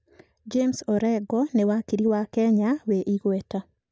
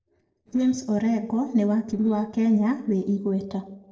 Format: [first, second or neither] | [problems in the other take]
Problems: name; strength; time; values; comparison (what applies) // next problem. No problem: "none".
first | noise reduction (neural separator model SepFormer DNS4)